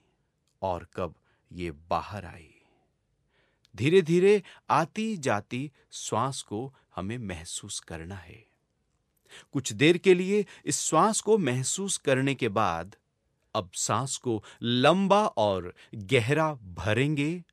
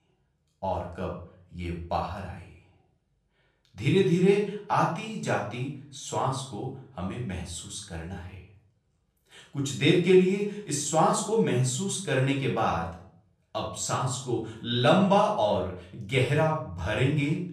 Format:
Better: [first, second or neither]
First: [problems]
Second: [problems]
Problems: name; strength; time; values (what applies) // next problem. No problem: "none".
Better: first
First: none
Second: off-mic speech; far // room echo; noticeable; dies away in 0.5 s